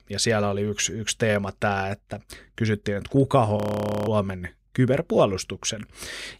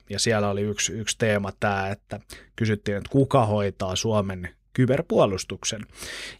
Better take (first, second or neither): second